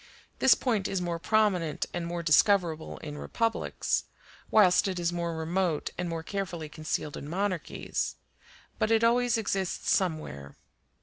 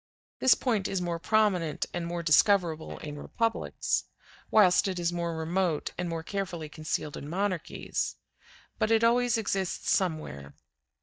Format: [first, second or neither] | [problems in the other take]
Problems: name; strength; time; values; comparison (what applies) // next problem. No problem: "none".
first | noise reduction (neural mask model DeepFilterNet 3)